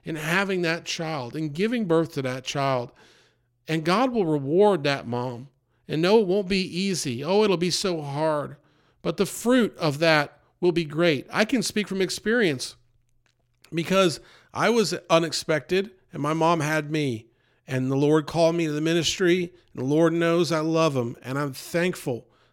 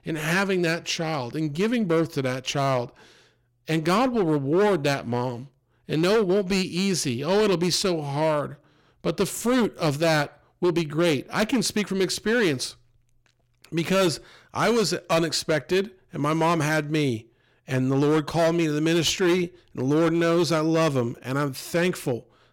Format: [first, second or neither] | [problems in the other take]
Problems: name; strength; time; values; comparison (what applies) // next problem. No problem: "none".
first | distortion; slight; 9% of the sound clipped